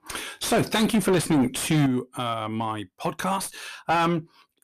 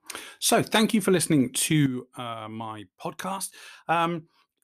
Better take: second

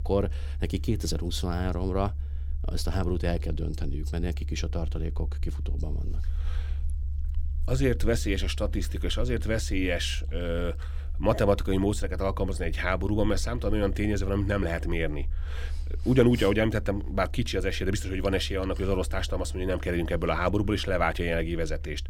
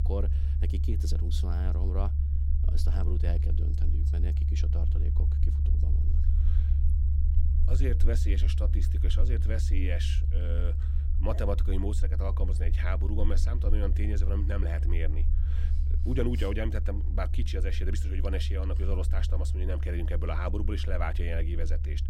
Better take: first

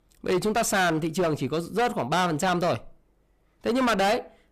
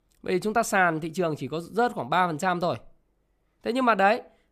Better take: second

